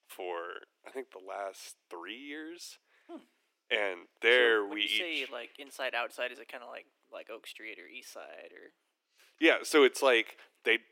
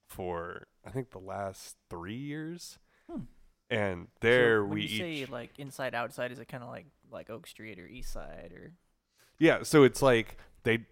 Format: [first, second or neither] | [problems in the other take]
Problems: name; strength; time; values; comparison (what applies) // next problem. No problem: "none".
second | thin; somewhat; fading below 300 Hz